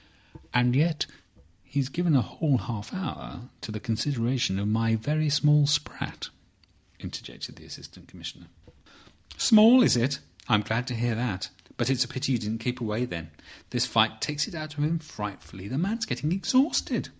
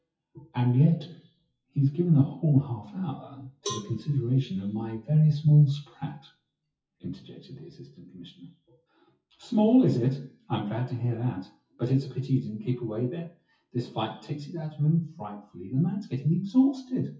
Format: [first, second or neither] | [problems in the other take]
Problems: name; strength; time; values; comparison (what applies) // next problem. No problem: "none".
first | noise reduction (classical method WPE with log-MMSE)